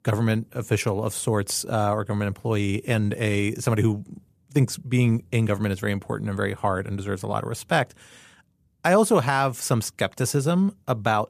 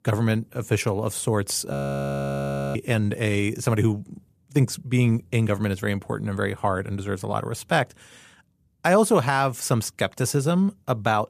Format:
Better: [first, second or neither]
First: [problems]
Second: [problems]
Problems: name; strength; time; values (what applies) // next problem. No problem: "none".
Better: first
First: none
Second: audio freezing; at 1.5 s for 1 s